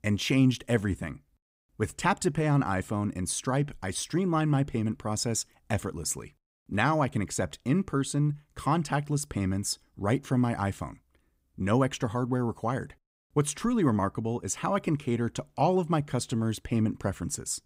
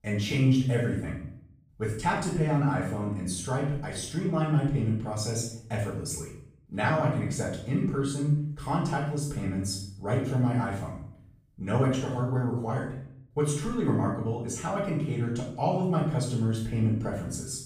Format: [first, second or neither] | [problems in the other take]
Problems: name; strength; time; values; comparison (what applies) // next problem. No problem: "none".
first | off-mic speech; far // room echo; noticeable; dies away in 0.6 s